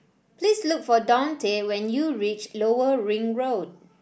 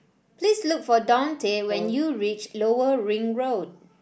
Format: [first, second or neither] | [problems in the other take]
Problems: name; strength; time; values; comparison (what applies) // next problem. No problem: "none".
first | background sound (Brass instrument); 16 dB below the speech